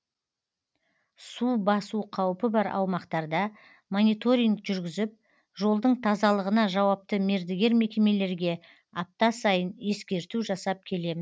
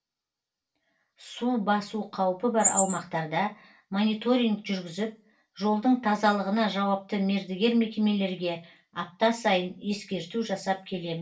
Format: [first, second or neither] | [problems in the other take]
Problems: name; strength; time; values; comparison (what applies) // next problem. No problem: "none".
first | background sound (Chirp, tweet); 4 dB below the speech // room echo; dies away in 0.3 s